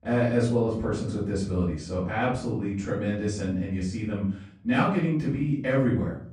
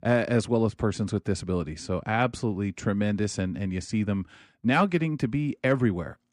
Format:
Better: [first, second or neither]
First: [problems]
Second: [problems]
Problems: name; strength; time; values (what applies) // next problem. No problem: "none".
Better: second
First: off-mic speech; far // room echo; noticeable; dies away in 0.4 s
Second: none